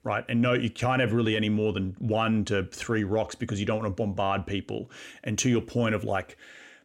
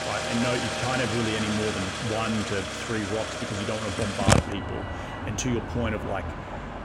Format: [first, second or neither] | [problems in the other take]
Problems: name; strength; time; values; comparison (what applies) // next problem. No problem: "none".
first | traffic noise; very loud; throughout; 1 dB above the speech